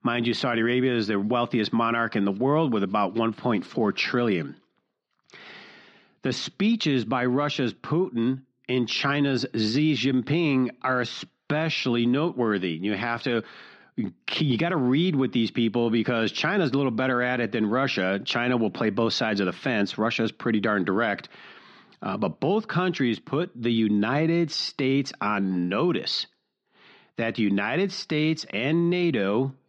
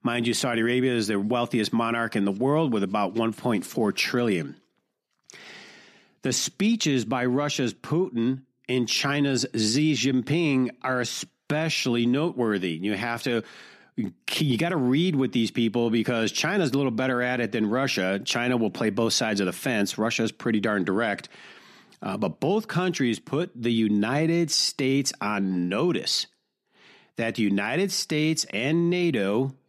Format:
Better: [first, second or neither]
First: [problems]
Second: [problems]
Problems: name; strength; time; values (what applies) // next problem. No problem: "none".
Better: second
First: muffled; very slightly; fading above 4.5 kHz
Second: none